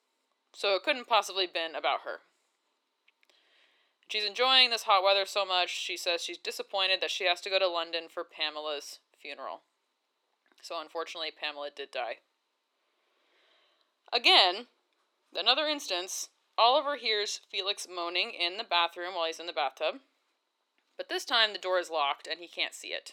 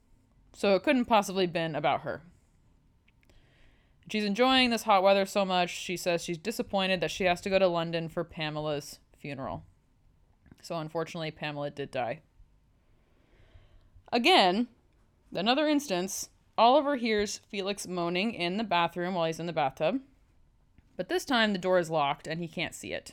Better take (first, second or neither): second